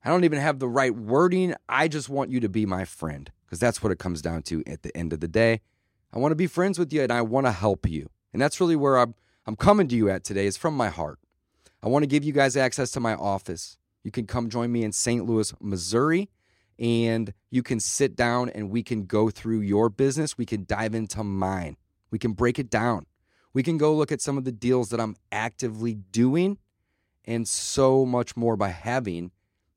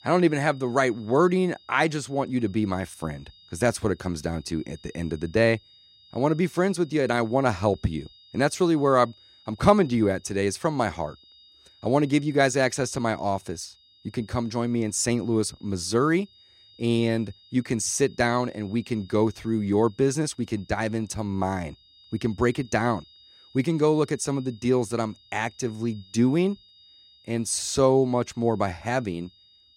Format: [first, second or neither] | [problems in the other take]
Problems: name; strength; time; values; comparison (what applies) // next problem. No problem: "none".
first | high-pitched whine; faint; throughout; 3.5 kHz, 30 dB below the speech